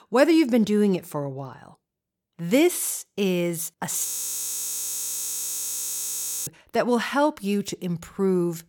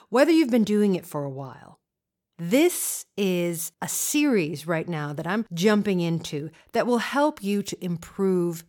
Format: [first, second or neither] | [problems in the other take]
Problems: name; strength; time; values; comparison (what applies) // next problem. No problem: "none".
second | audio freezing; at 4 s for 2.5 s